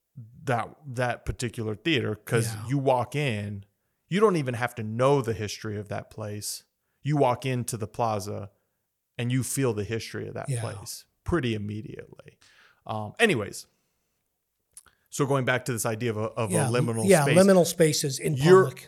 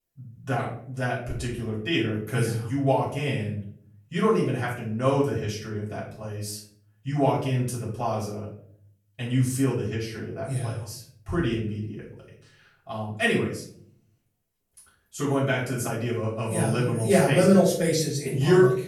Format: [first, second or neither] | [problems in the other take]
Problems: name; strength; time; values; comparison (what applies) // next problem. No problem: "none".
first | off-mic speech; far // room echo; noticeable; dies away in 0.5 s